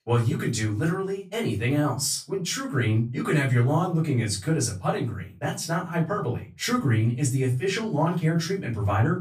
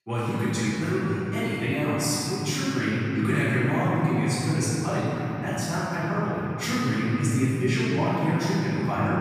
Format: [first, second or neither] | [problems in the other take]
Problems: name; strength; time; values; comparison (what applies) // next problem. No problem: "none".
first | room echo; strong; dies away in 3 s; slight in the first // off-mic speech; far; far in the first